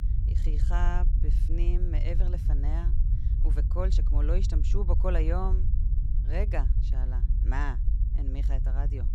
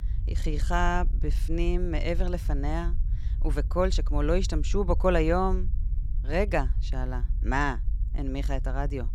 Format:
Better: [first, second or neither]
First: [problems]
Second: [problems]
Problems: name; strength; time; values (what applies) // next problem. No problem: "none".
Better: second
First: low rumble; loud; throughout; 9 dB below the speech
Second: low rumble; faint; throughout; 20 dB below the speech